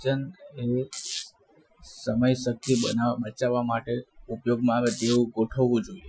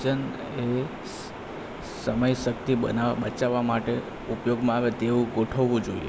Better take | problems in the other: second | noise reduction (classical method Wiener filter)

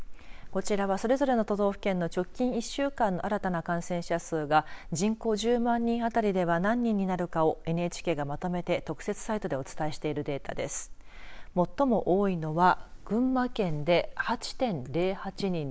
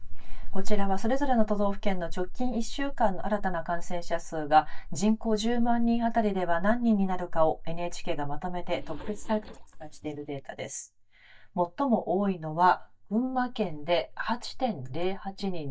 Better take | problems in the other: first | noise reduction (neural mask model DeepFilterNet 3)

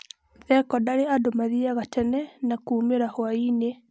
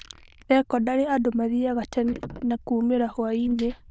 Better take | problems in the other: first | noise reduction (neural diffusion model UNIVERSE++)

